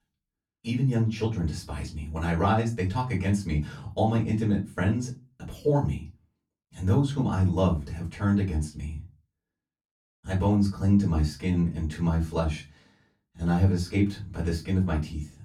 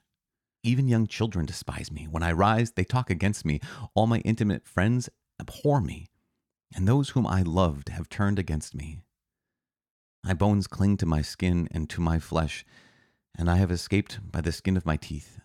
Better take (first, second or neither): second